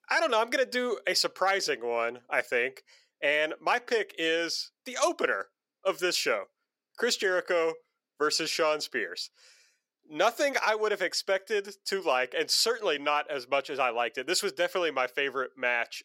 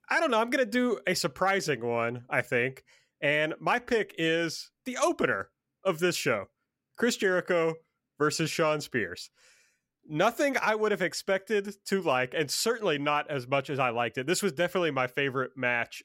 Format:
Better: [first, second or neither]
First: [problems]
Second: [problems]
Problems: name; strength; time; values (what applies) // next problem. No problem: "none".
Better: second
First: thin; somewhat; fading below 450 Hz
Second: none